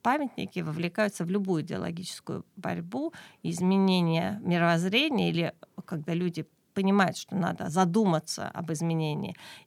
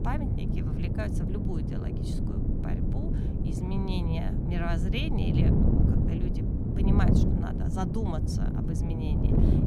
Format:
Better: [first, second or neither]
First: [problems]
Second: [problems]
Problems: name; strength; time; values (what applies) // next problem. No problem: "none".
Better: first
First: none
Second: wind noise on the microphone; heavy; 2 dB above the speech